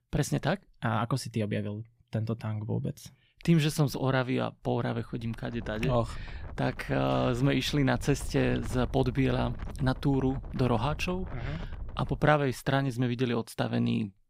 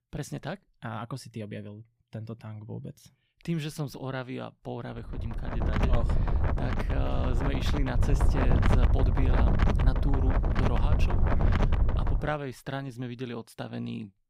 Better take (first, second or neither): first